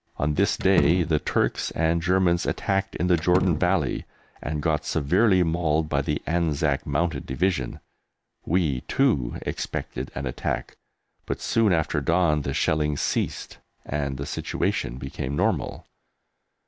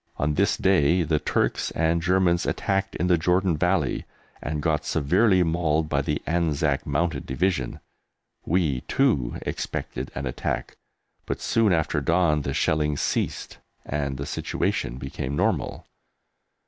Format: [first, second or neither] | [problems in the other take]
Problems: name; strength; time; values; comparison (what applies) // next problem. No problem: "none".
second | background sound (Slam); 9 dB below the speech